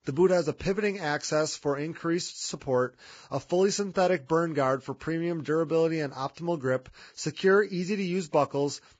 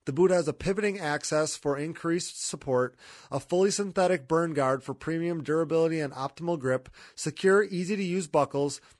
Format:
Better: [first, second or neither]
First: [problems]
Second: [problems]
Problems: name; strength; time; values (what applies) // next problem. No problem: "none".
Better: second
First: garbled, watery; badly; nothing above 7.5 kHz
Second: garbled, watery; slightly